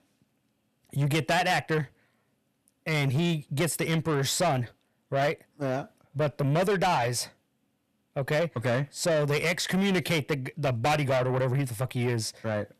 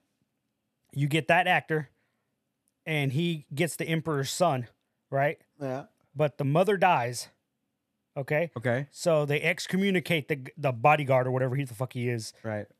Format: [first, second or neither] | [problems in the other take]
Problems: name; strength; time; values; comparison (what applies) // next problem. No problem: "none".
second | distortion; heavy; 6 dB below the speech